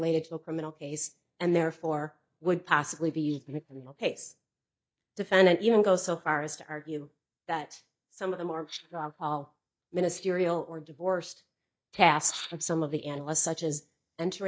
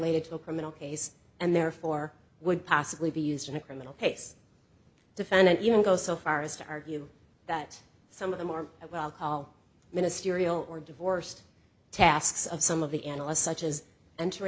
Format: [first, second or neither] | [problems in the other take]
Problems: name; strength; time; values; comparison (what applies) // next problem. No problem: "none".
second | noise reduction (neural mask model DeepFilterNet 3)